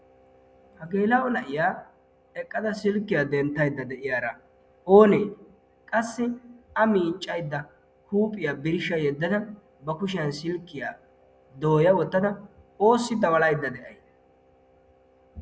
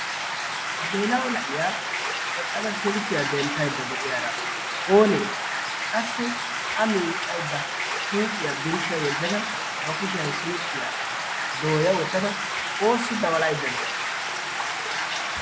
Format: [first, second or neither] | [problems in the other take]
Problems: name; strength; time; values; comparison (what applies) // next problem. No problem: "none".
first | background sound (Stream); 1 dB below the speech